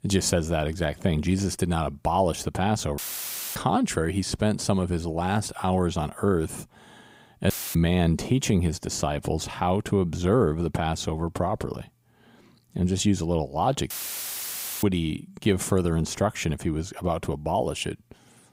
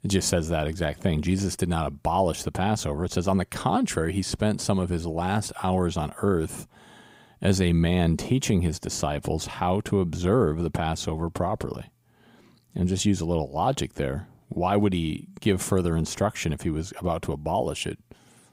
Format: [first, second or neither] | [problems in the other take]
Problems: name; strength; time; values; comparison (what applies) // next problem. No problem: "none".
second | audio cutting out; filled with static; at 3 s for 0.5 s, at 7.5 s and at 14 s for 1 s